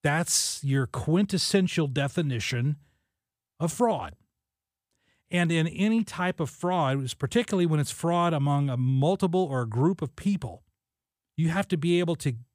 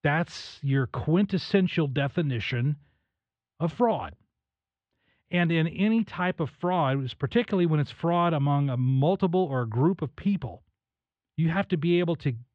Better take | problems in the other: first | muffled; slightly; fading above 3.5 kHz

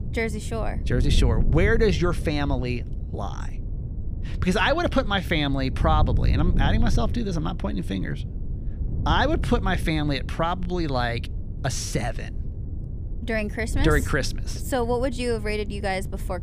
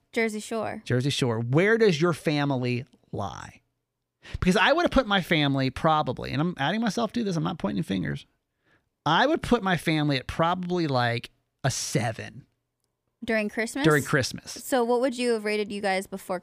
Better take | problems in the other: second | wind noise on the microphone; occasional gusts; 15 dB below the speech

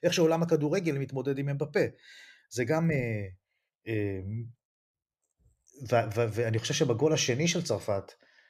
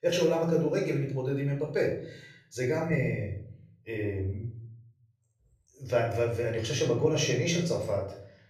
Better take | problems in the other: first | off-mic speech; somewhat distant // room echo; slight; dies away in 0.5 s

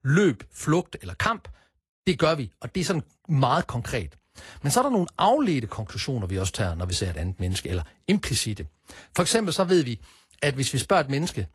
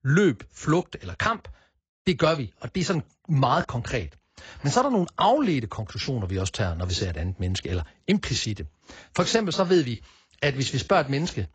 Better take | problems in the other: first | garbled, watery; badly; nothing above 7.5 kHz; slightly in the first

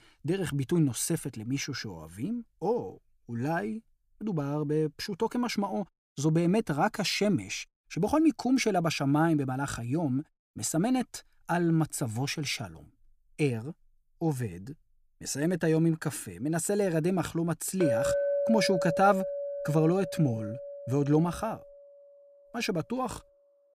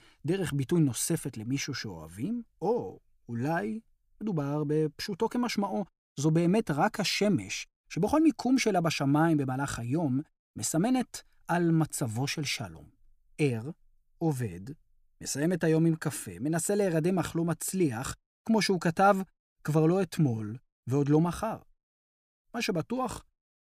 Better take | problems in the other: second | clattering dishes; loud; from 18 to 21 s; peak 2 dB above the speech

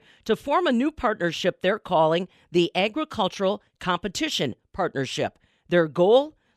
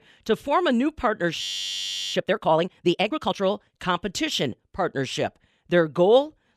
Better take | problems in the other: first | audio freezing; at 1.5 s for 0.5 s

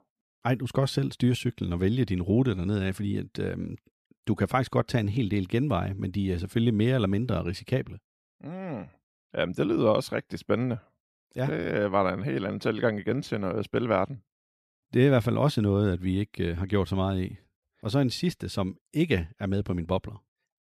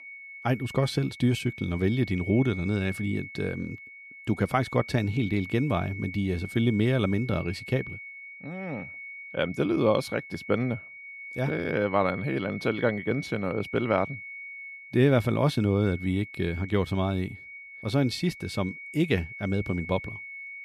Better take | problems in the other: first | high-pitched whine; noticeable; throughout; 2 kHz, 10 dB below the speech

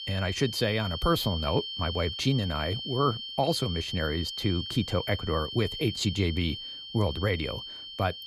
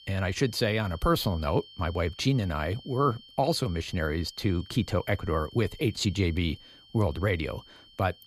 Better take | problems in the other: second | high-pitched whine; loud; throughout; 3 kHz, 6 dB below the speech; faint in the second

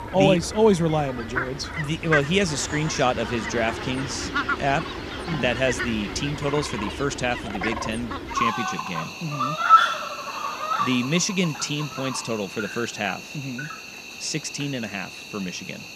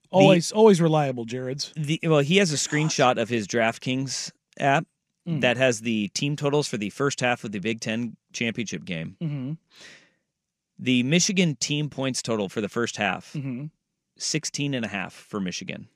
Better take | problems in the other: second | animal sounds; loud; throughout; 2 dB below the speech

